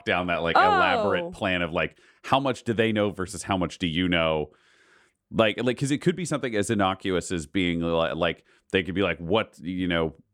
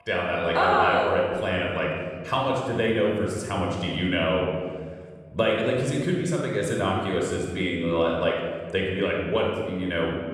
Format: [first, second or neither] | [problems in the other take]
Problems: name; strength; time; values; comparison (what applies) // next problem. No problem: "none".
first | off-mic speech; somewhat distant // room echo; noticeable; dies away in 1.6 s